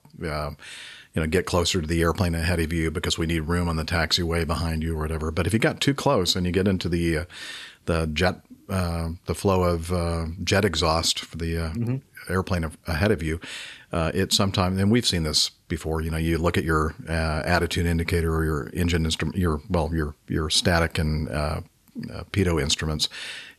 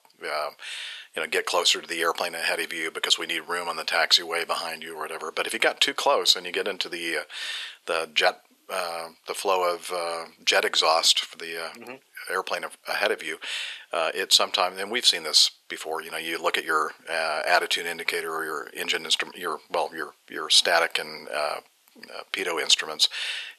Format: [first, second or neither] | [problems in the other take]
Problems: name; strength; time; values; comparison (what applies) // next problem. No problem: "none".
first | thin; very; fading below 500 Hz